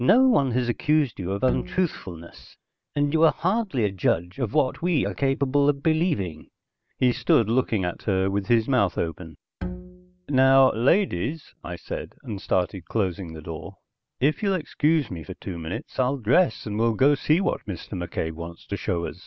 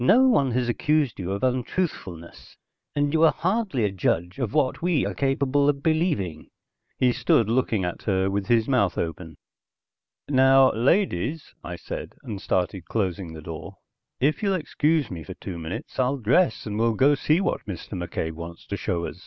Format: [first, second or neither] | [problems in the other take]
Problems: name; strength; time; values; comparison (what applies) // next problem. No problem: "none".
second | background sound (Bowed string instrument); 12 dB below the speech